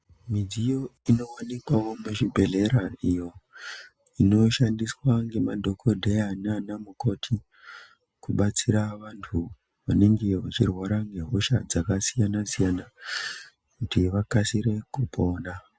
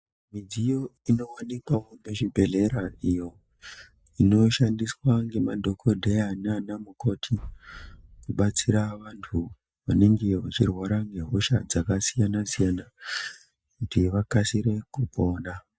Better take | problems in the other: first | noise reduction (neural mask model DeepFilterNet 3)

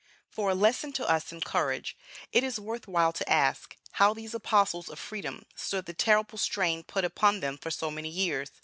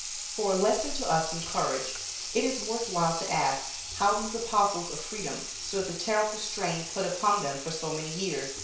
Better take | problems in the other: first | background sound (Sink (filling or washing) / Water tap, faucet); 7 dB below the speech // room echo; dies away in 0.6 s

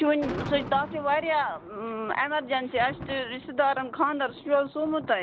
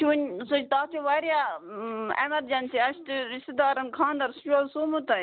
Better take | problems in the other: second | background sound (Thunder); 14 dB below the speech

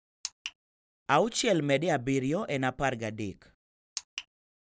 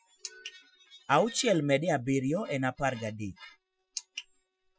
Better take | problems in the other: first | noise reduction (classical method Wiener filter)

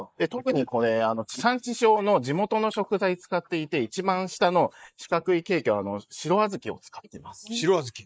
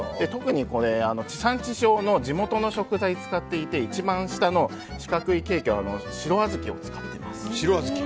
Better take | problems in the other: second | noise reduction (neural mask model Resemble Enhance denoiser)

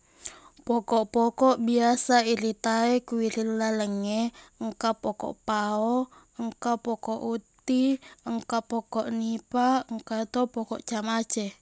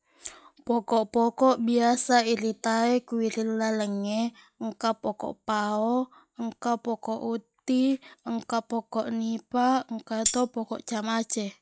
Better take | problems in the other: first | noise reduction (classical method log-MMSE)

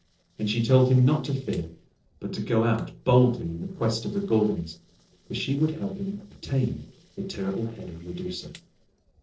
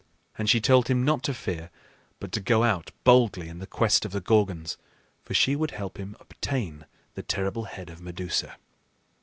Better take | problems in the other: second | noise reduction (neural separator model SepFormer DNS4)

